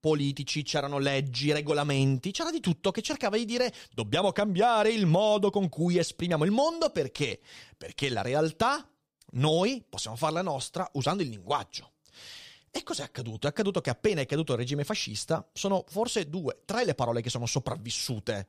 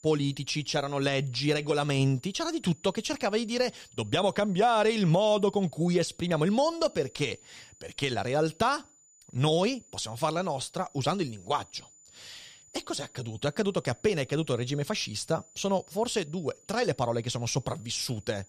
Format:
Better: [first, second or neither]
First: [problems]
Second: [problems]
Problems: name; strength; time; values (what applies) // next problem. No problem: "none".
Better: first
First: none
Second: high-pitched whine; faint; throughout; 7 kHz, 25 dB below the speech